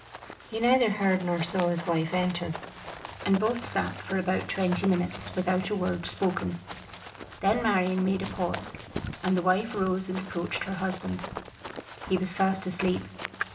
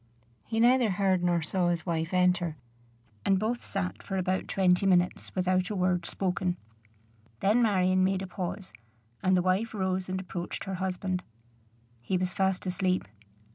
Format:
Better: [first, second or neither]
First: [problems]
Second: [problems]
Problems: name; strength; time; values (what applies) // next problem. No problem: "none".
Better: second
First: background sound (Run); 12 dB below the speech // room echo; dies away in 1.1 s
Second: none